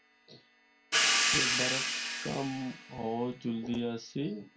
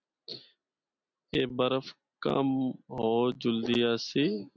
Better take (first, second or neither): second